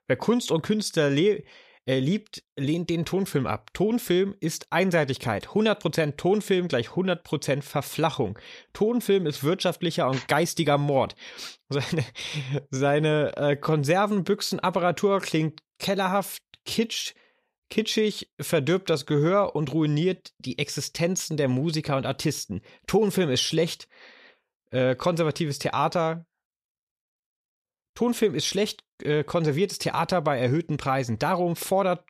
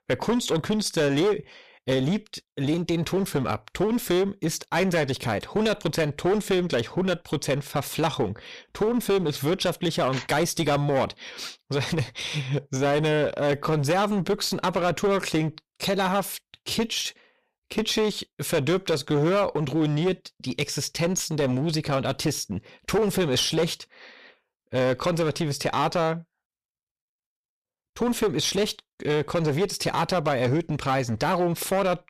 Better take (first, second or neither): first